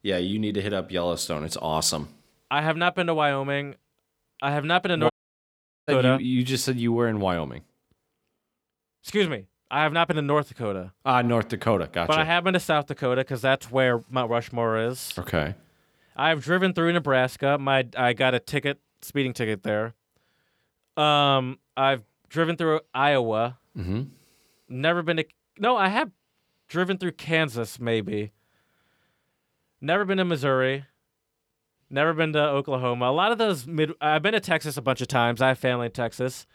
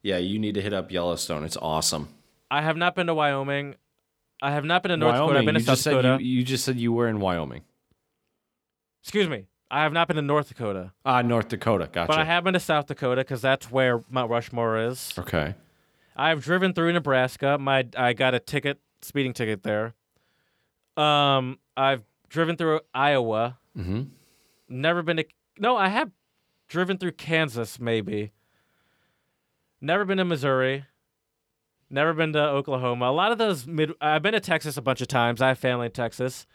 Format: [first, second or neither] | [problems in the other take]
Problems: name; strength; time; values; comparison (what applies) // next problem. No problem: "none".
second | audio cutting out; at 5 s for 1 s